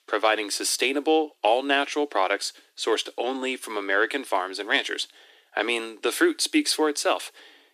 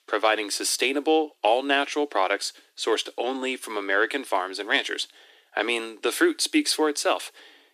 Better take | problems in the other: neither | thin; very; fading below 300 Hz; the same in both

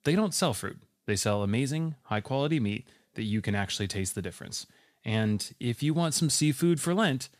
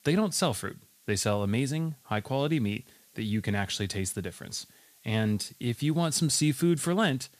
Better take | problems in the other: first | hiss; faint; throughout; 30 dB below the speech

